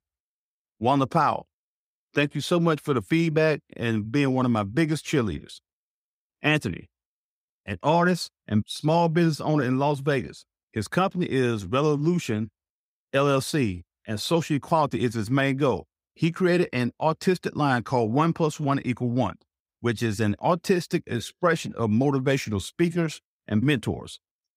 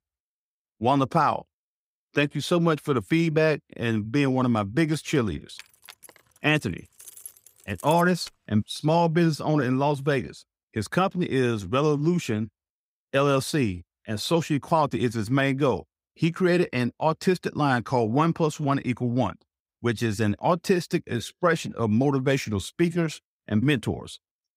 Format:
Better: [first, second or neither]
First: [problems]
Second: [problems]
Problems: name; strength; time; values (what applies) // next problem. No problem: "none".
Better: first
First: none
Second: jangling keys; faint; from 5 to 8.5 s; peak 15 dB below the speech